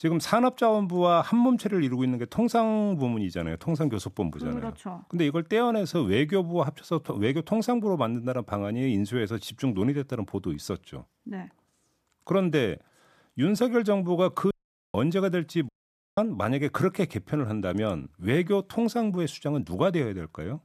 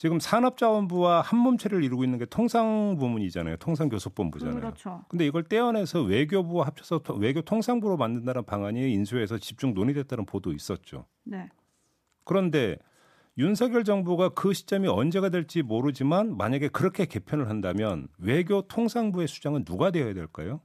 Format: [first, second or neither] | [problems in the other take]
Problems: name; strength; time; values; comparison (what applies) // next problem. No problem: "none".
second | audio cutting out; at 15 s and at 16 s